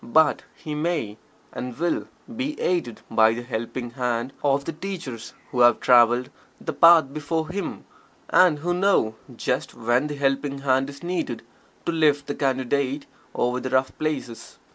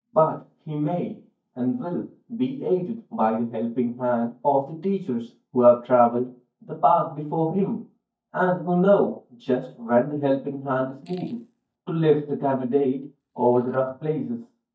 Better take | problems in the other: first | noise reduction (neural mask model DeepFilterNet 3)

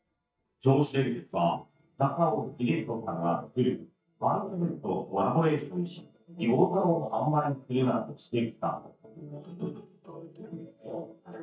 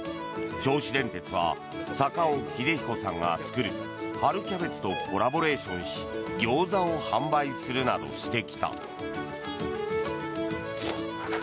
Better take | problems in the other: second | noise reduction (neural mask model DeepFilterNet 3)

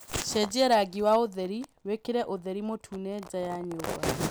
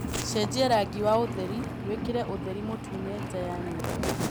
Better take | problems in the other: first | background sound (Engine); 5 dB below the speech

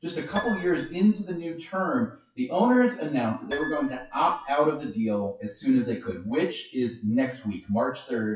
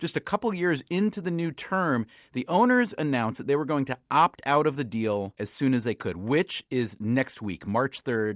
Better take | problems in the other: second | noise reduction (classical method WPE with log-MMSE)

